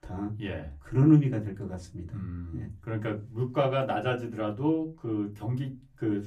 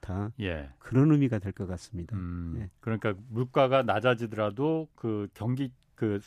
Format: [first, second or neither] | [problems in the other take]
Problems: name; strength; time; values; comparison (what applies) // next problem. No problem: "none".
second | off-mic speech; far // room echo; very slight; dies away in 0.3 s